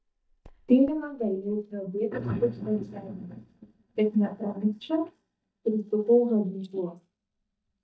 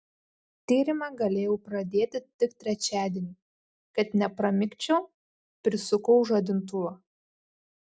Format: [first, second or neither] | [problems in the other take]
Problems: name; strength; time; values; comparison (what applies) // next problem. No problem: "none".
second | noise reduction (neural mask model DeepFilterNet 3)